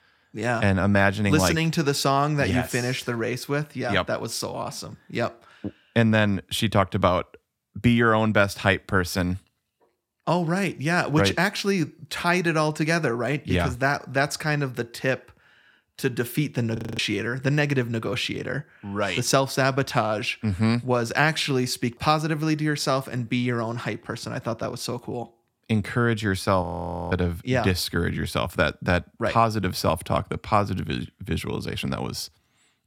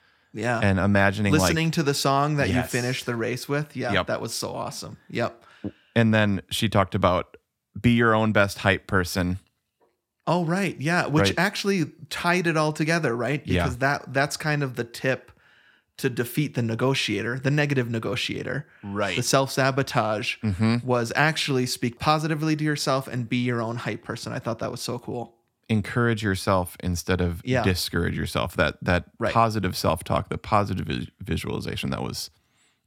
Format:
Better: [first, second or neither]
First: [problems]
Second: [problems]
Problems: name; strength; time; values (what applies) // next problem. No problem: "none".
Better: second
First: audio freezing; at 17 s and at 27 s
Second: none